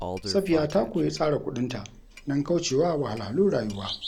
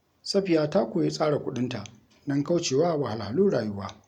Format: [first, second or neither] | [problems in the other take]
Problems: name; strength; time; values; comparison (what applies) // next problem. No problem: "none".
second | background sound (Bird vocalization, bird call, bird song + Clock); 13 dB below the speech